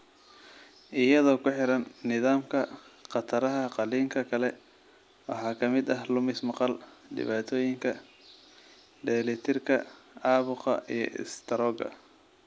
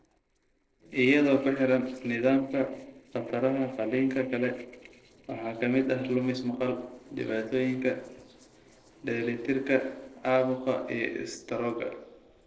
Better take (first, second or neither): first